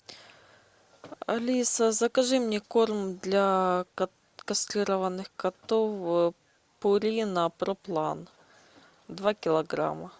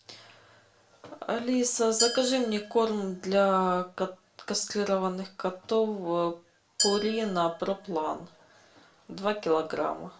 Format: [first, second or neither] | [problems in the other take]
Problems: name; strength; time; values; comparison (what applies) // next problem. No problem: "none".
first | background sound (Glass); 9 dB below the speech // room echo; dies away in 0.3 s